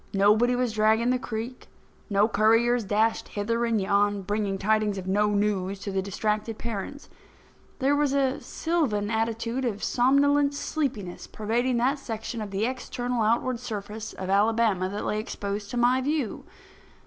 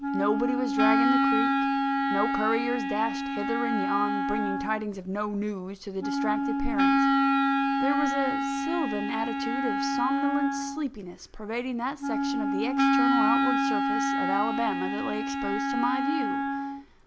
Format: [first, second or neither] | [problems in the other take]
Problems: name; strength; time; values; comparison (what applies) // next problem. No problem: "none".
first | background sound (Wind instrument, woodwind instrument); 5 dB above the speech